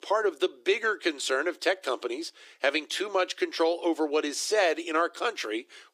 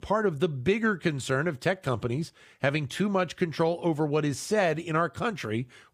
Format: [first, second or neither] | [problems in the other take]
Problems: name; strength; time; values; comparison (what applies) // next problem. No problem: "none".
second | thin; very; fading below 300 Hz